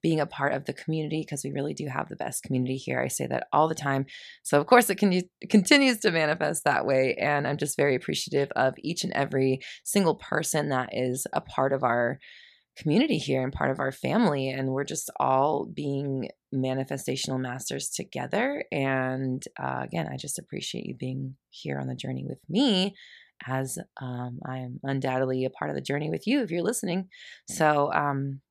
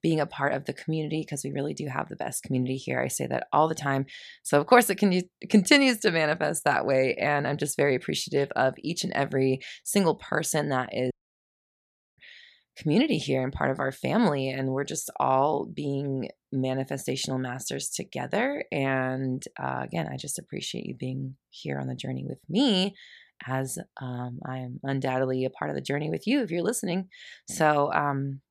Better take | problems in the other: first | audio cutting out; at 11 s for 1 s

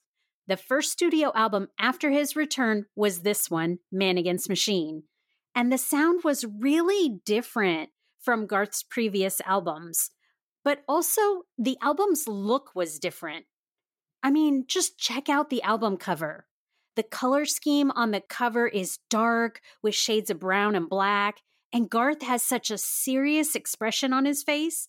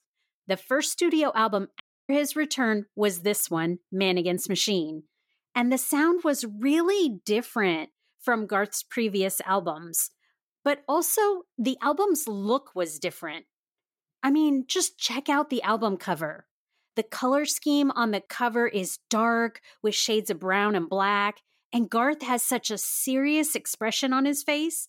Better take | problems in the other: first | audio cutting out; at 2 s

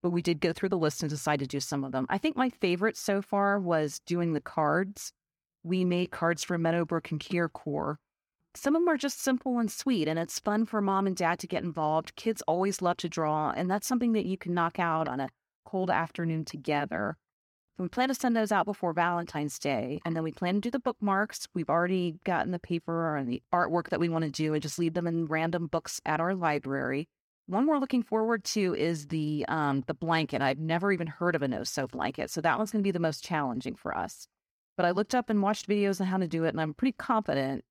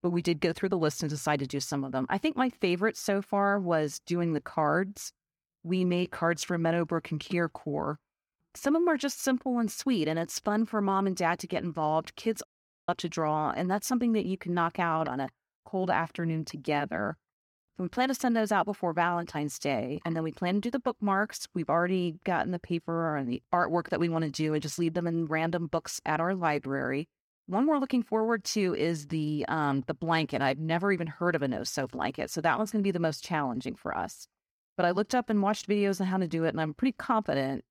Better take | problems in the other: first | audio cutting out; at 12 s

